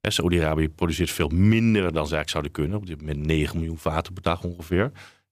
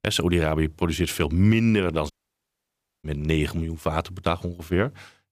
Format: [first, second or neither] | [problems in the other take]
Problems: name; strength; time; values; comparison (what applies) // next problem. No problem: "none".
first | audio cutting out; at 2 s for 1 s